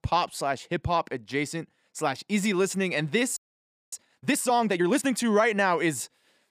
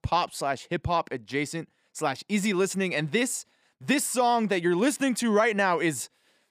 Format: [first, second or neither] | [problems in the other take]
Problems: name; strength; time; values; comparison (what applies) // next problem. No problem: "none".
second | audio freezing; at 3.5 s for 0.5 s